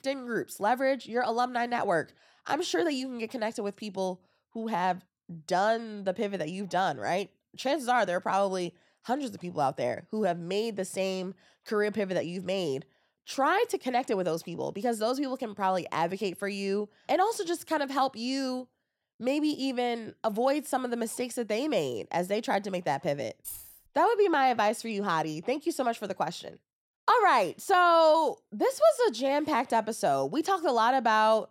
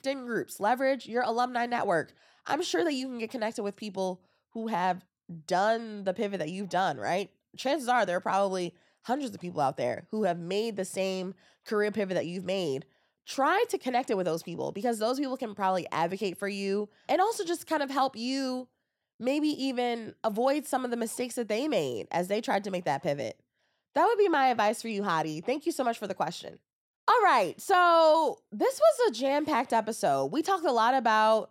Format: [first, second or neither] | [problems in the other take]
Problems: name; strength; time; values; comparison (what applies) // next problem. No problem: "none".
second | jangling keys; faint; at 23 s; peak 10 dB below the speech